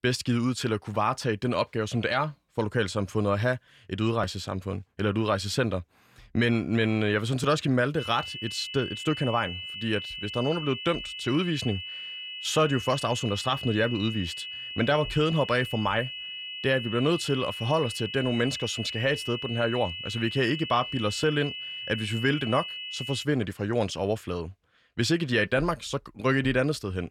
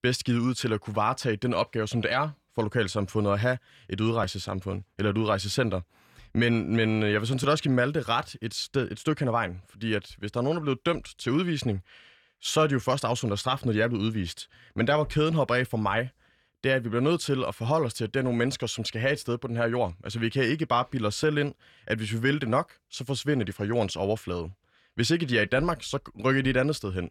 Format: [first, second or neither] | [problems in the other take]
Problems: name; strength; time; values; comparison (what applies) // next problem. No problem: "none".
second | high-pitched whine; loud; from 8 to 23 s; 3 kHz, 7 dB below the speech